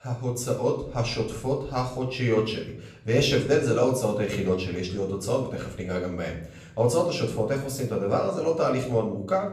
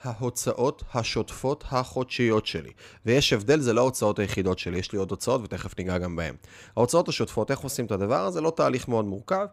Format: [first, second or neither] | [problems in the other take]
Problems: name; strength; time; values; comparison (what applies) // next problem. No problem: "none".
second | off-mic speech; far // room echo; slight; dies away in 0.6 s